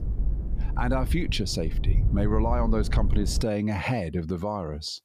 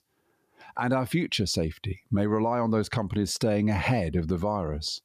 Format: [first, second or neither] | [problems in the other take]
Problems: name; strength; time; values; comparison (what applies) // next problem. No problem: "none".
second | low rumble; noticeable; until 3.5 s; 15 dB below the speech